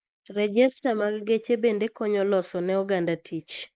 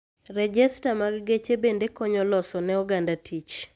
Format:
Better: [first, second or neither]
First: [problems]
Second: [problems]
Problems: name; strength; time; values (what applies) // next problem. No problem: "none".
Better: second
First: noise reduction (neural mask model Resemble Enhance denoiser)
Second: none